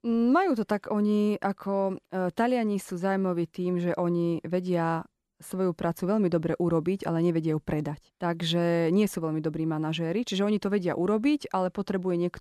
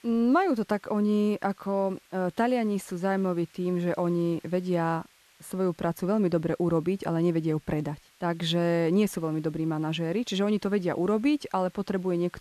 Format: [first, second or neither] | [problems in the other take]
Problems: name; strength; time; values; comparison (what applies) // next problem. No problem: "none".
first | hiss; faint; throughout; 30 dB below the speech